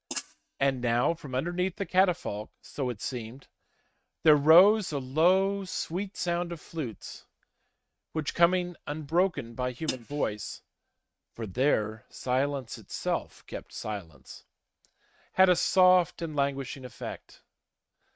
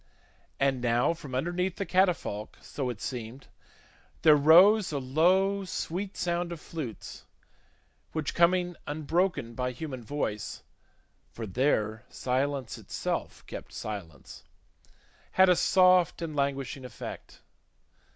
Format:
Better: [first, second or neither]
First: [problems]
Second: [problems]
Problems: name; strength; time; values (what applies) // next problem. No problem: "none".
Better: second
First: noise reduction (neural mask model RNNoise)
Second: none